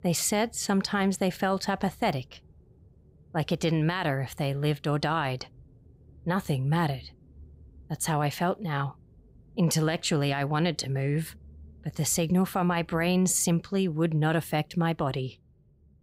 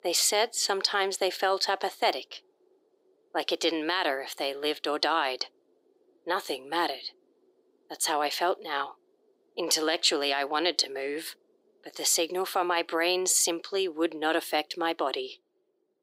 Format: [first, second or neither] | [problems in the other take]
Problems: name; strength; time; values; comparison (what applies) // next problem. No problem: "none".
first | thin; very; fading below 350 Hz